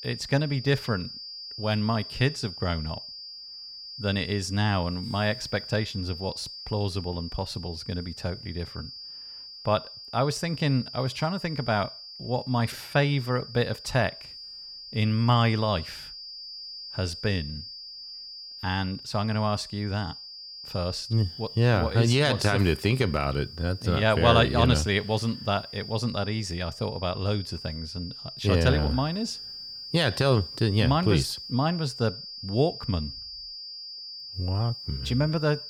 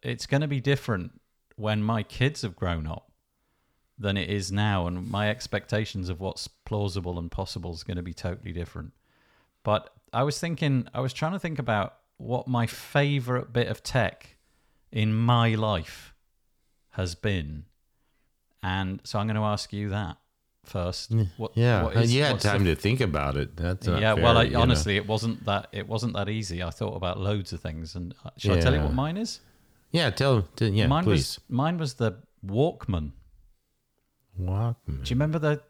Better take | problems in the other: second | high-pitched whine; noticeable; throughout; 5 kHz, 10 dB below the speech

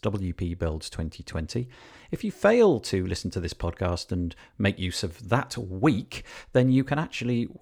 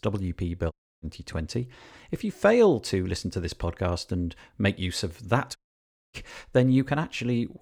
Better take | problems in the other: first | audio cutting out; at 0.5 s and at 5.5 s for 0.5 s

